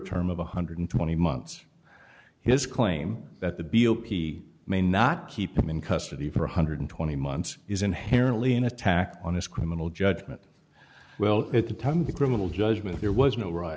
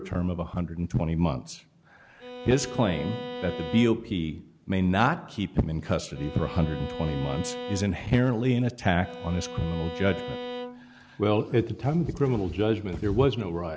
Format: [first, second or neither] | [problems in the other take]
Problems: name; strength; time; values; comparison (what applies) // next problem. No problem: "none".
first | background sound (Bowed string instrument); 11 dB below the speech